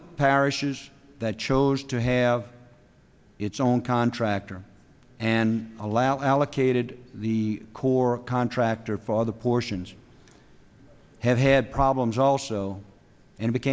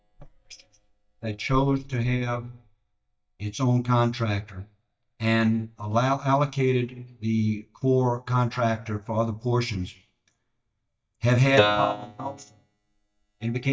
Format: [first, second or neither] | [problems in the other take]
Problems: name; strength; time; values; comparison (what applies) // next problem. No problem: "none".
first | noise reduction (neural mask model DeepFilterNet 3)